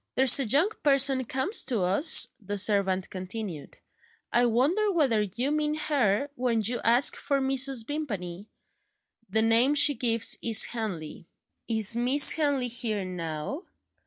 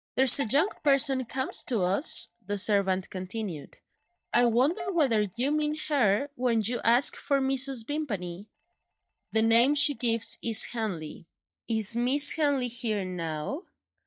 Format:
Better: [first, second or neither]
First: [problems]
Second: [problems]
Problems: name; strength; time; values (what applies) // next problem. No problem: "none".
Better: first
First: none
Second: noise reduction (neural mask model DeepFilterNet 3)